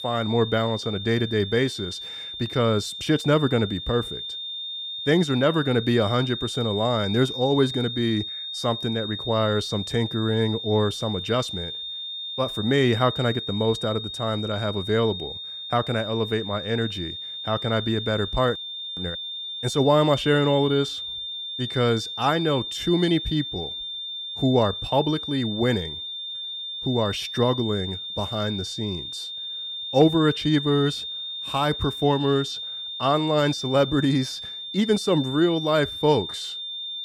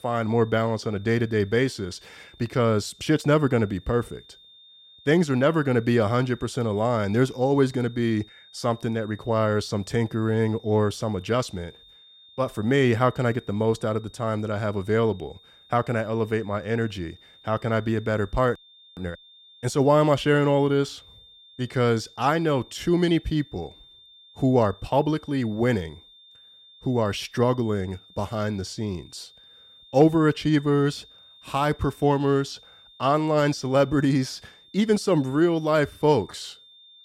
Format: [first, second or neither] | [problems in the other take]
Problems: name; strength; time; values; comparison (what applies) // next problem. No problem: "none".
second | high-pitched whine; loud; throughout; 3.5 kHz, 7 dB below the speech; faint in the second